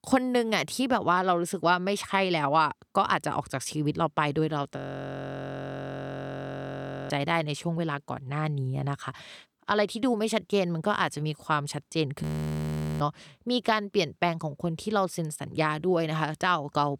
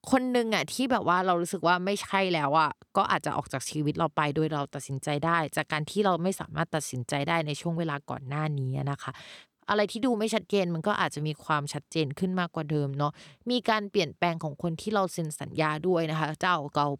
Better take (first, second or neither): second